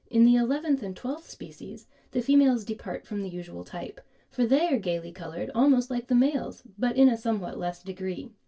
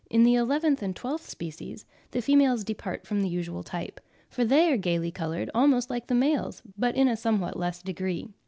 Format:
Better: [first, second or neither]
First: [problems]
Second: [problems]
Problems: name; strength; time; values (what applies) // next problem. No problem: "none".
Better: second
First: room echo; dies away in 0.1 s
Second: none